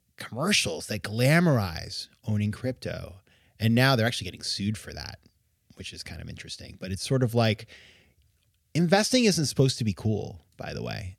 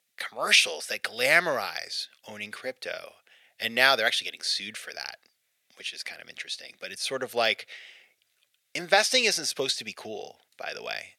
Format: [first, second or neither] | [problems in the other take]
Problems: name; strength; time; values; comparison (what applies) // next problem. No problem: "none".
first | thin; very; fading below 650 Hz